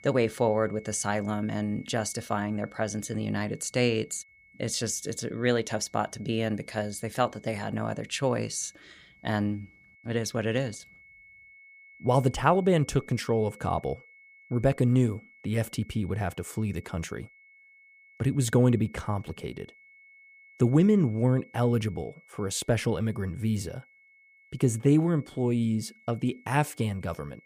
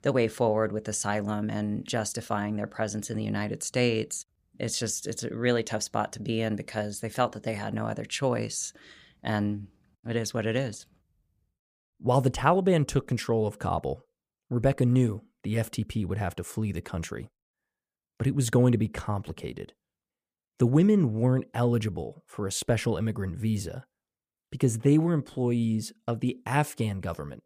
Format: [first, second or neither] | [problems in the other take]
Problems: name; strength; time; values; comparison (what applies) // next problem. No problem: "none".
second | high-pitched whine; faint; throughout; 2 kHz, 25 dB below the speech